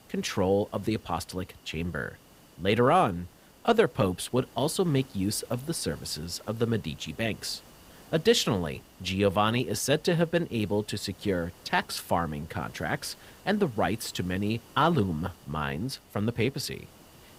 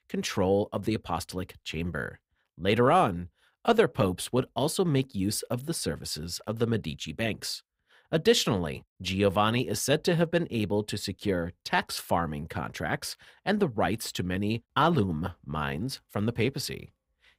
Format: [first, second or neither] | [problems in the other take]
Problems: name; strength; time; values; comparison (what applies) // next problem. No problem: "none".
second | hiss; faint; throughout; 25 dB below the speech